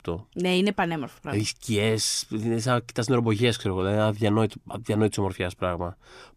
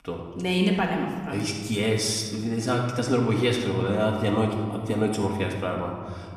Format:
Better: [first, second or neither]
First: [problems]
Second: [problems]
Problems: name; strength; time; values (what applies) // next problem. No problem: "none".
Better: first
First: none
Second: room echo; noticeable; dies away in 1.4 s // off-mic speech; somewhat distant